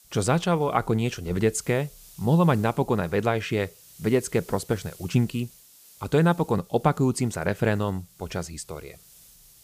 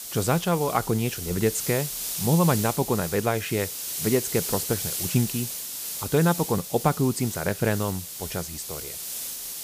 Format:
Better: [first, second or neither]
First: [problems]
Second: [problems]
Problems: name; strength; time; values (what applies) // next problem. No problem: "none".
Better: first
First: hiss; faint; throughout; 25 dB below the speech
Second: hiss; loud; throughout; 5 dB below the speech